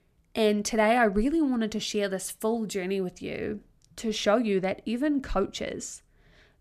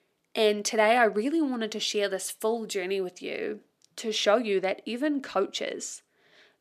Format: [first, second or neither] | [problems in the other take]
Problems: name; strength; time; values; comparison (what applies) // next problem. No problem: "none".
first | thin; very slightly; fading below 350 Hz